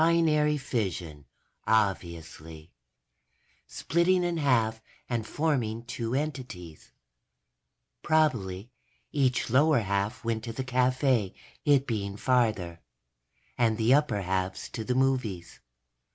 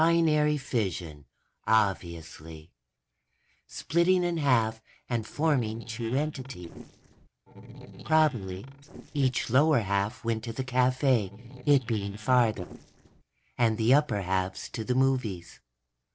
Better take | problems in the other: first | noise reduction (neural separator model SepFormer DNS4)

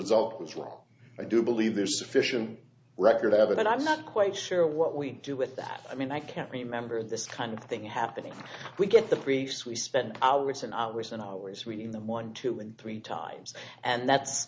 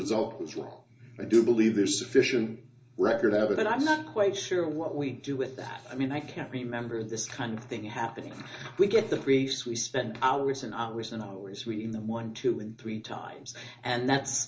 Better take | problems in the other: first | background sound (Hi-hat); 20 dB below the speech // room echo; dies away in 0.2 s

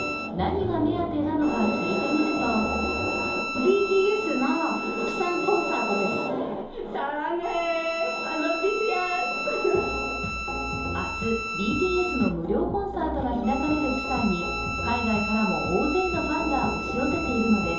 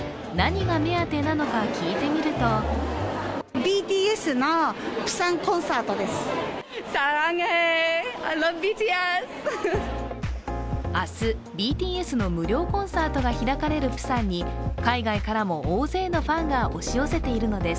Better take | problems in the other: second | background sound (Bowed string instrument); 6 dB below the speech // room echo; dies away in 2.8 s

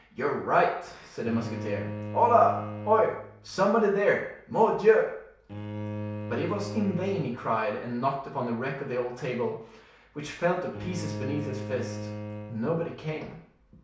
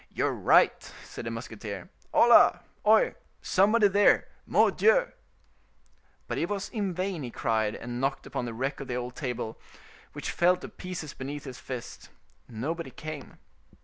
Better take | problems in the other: second | background sound (Bowed string instrument); 10 dB below the speech // room echo; dies away in 0.6 s

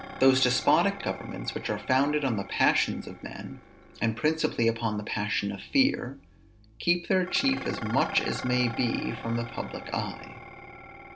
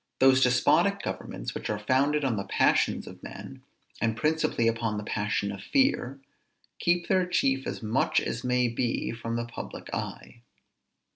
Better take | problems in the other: second | background sound (Dishes, pots, and pans); 14 dB below the speech

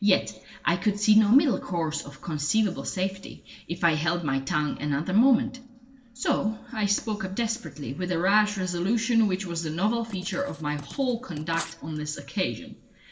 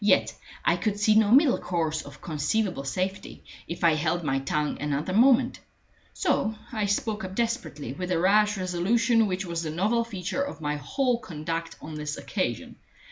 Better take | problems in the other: second | noise reduction (neural separator model SepFormer DNS4)

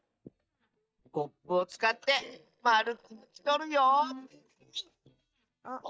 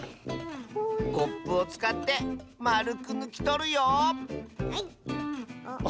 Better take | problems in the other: second | noise reduction (neural mask model DeepFilterNet 3)

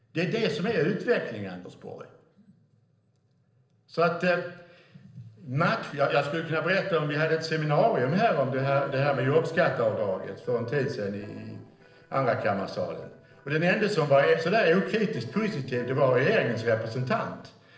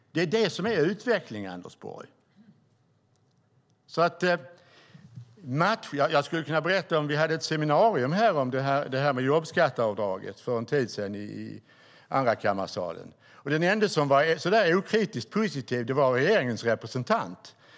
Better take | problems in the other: second | noise reduction (neural separator model SepFormer DNS4)

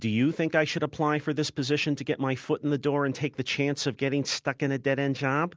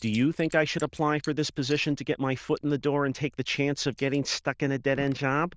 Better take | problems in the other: first | noise reduction (neural diffusion model UNIVERSE++)

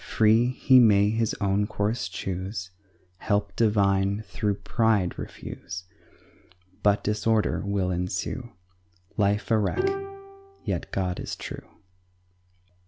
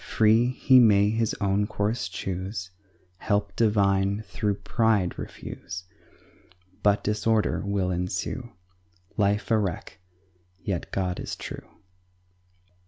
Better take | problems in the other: second | background sound (Bowed string instrument); 9 dB below the speech

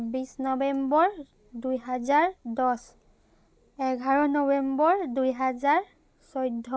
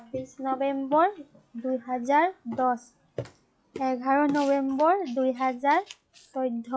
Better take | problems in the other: first | noise reduction (classical method log-MMSE)

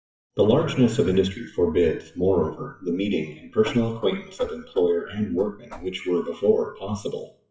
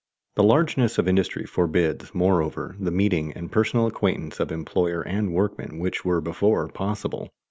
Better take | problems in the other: second | noise reduction (classical method WPE with log-MMSE)

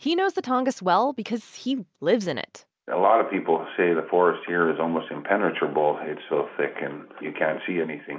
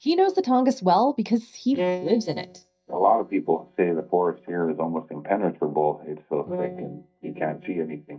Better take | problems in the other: first | noise reduction (neural mask model DeepFilterNet 3)

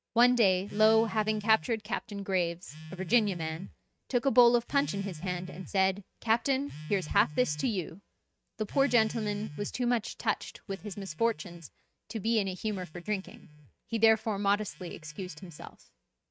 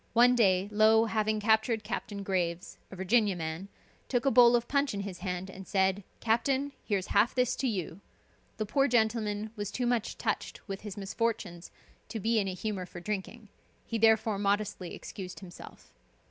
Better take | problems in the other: second | noise reduction (neural mask model RNNoise)

